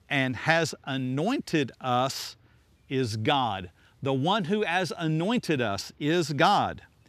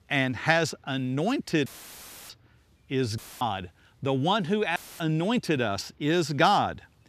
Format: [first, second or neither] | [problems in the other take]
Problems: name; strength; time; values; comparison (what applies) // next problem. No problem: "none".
first | audio cutting out; filled with static; at 1.5 s for 0.5 s, at 3 s and at 5 s